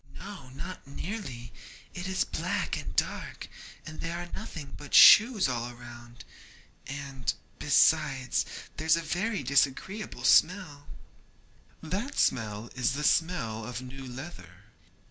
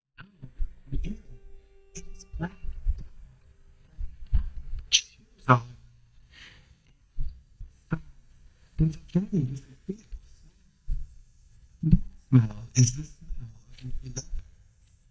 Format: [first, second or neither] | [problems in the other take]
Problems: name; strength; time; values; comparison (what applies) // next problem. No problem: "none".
first | noise reduction (neural mask model DeepFilterNet 3)